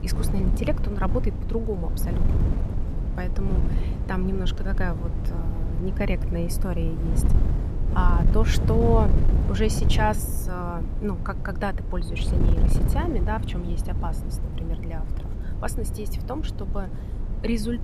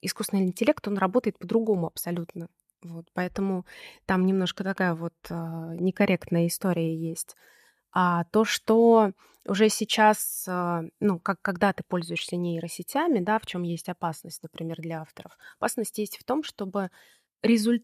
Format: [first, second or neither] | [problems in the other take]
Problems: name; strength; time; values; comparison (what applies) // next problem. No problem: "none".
second | wind noise on the microphone; heavy; 7 dB below the speech